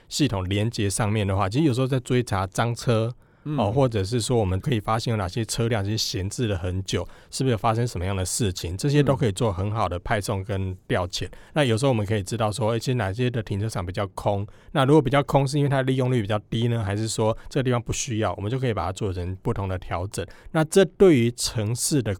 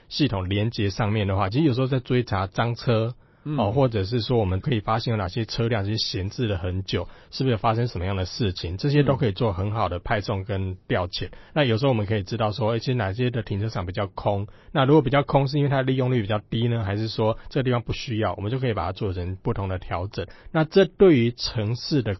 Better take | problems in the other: first | garbled, watery; slightly; nothing above 5.5 kHz

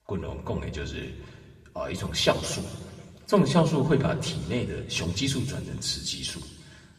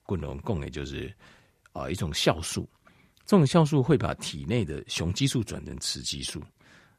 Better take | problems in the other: second | room echo; slight; dies away in 1.4 s // off-mic speech; somewhat distant

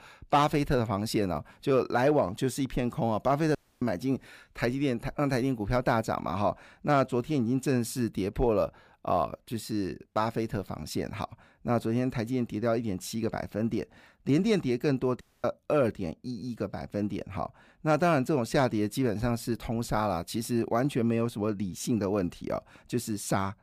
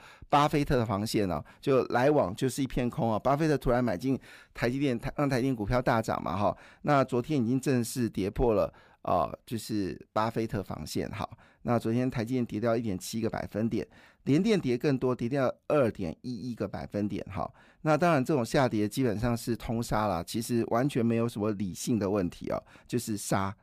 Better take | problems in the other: second | audio cutting out; at 3.5 s and at 15 s

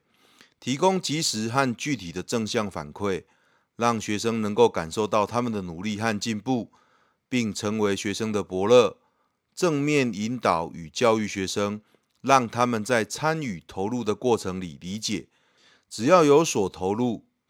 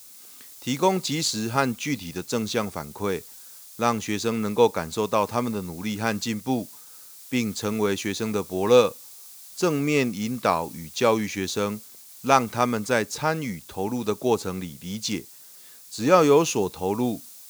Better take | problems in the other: first | hiss; noticeable; throughout; 20 dB below the speech

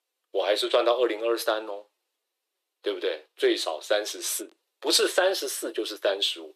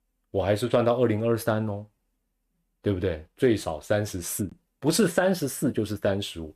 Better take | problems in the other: second | thin; very; fading below 350 Hz

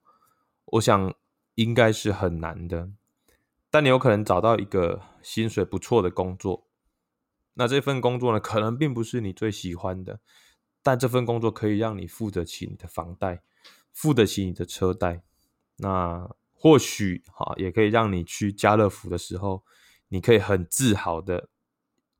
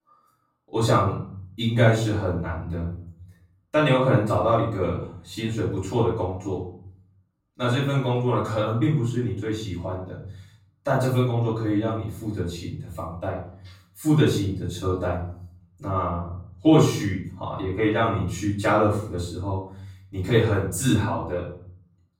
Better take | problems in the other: first | off-mic speech; far // room echo; noticeable; dies away in 0.6 s

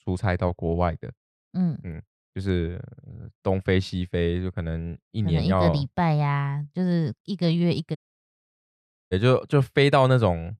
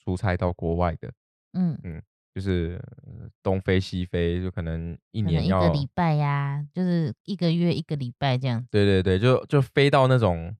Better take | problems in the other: second | audio cutting out; at 8 s for 1 s

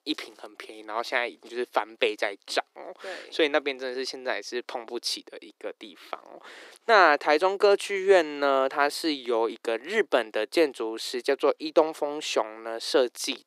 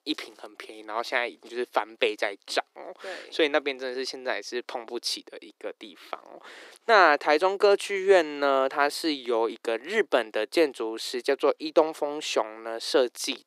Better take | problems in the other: neither | thin; very; fading below 350 Hz; the same in both

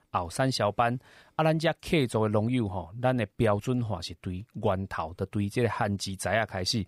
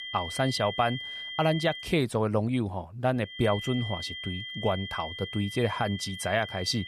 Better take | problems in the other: first | high-pitched whine; loud; until 2 s and from 3.5 s on; 3 kHz, 7 dB below the speech

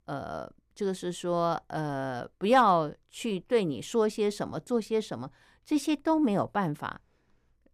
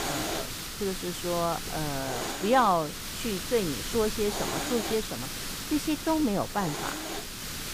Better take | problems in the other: first | hiss; loud; throughout; 4 dB below the speech

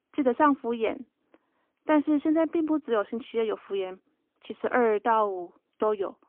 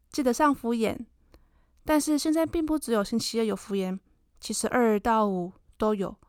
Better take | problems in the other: second | phone-call audio; poor line; nothing above 3 kHz

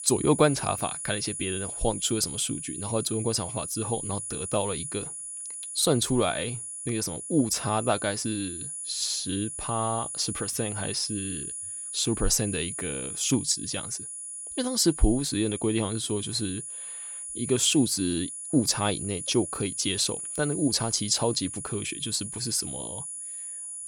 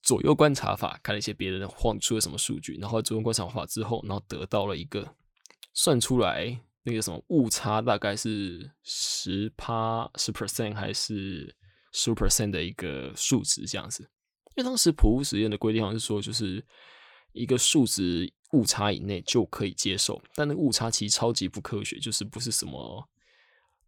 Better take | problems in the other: second | high-pitched whine; loud; throughout; 10 kHz, 6 dB below the speech

